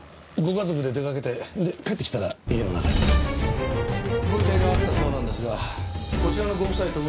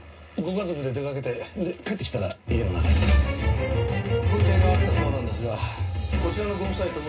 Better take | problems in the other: first | room echo; dies away in 0.2 s

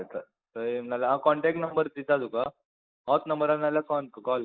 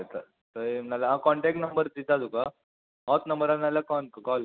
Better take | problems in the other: second | noise reduction (neural mask model Resemble Enhance denoiser)

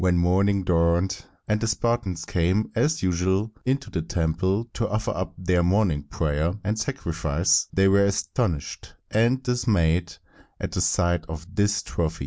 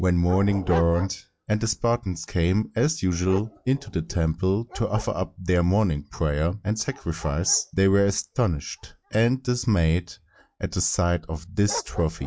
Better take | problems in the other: first | noise reduction (classical method log-MMSE)

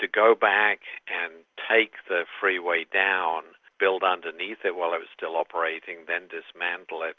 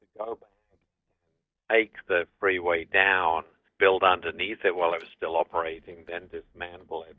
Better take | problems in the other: first | noise reduction (neural mask model DeepFilterNet 3)

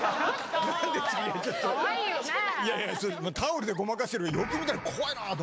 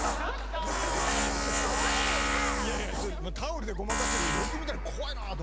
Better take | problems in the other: first | background sound (Tools); 5 dB above the speech

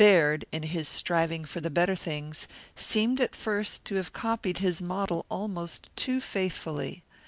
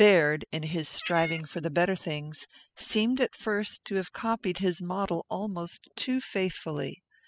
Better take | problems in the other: first | noise reduction (classical method spectral subtraction)

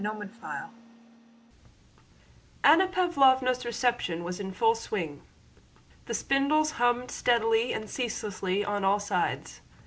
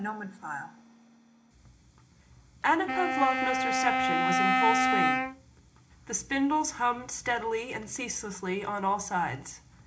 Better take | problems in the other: first | background sound (Wind instrument, woodwind instrument); 4 dB above the speech // room echo; dies away in 0.4 s

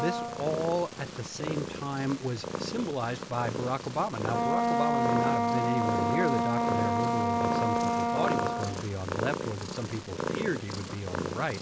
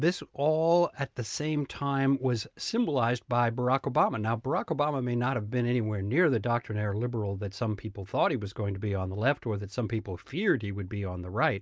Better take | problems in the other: second | background sound (Purr + Wind instrument, woodwind instrument); 3 dB above the speech

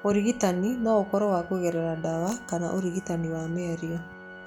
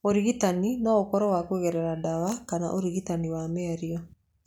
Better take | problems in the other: second | background sound (Organ + Organ); 17 dB below the speech

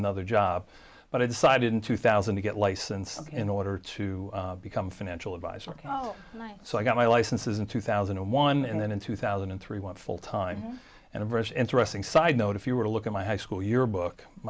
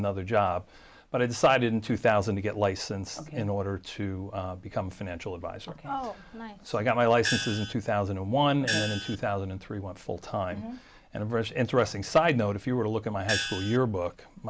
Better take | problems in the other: first | background sound (Gong); 3 dB below the speech

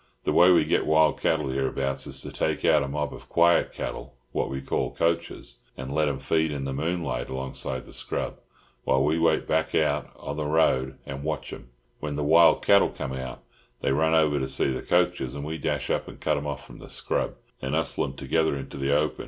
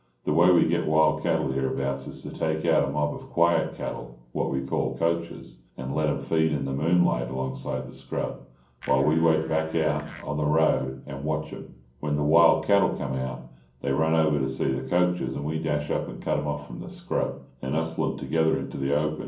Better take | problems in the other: first | background sound (Domestic sounds, home sounds); 16 dB below the speech // room echo; dies away in 0.6 s

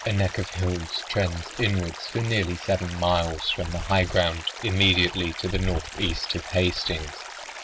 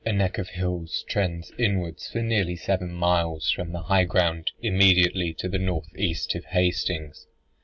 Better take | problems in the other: second | background sound (Stream); 13 dB below the speech

